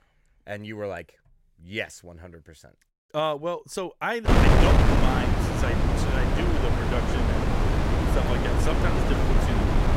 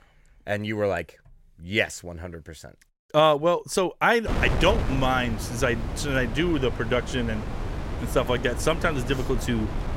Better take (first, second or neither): second